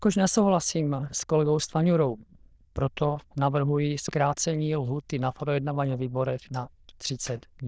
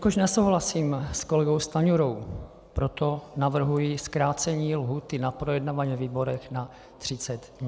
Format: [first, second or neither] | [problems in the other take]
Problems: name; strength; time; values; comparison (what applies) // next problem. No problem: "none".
second | noise reduction (neural diffusion model UNIVERSE++)